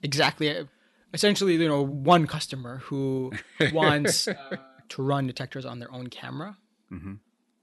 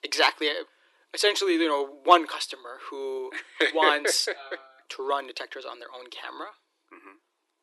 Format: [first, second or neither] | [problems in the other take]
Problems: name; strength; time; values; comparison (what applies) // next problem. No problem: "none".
first | thin; very; fading below 300 Hz